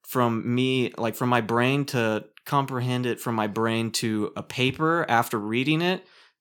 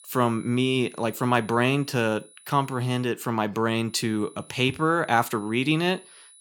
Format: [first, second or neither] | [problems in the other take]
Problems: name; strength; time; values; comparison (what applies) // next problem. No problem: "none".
first | high-pitched whine; faint; until 3 s and from 4 s on; 10 kHz, 25 dB below the speech